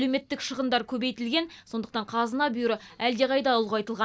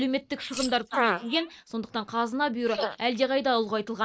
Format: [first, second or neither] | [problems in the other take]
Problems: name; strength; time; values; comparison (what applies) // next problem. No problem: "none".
first | noise reduction (neural mask model Resemble Enhance denoiser)